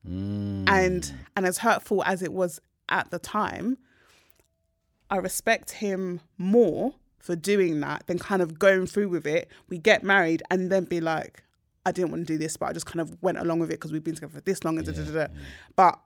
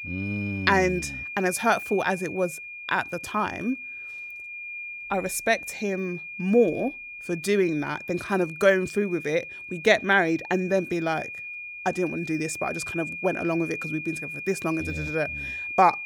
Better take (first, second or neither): first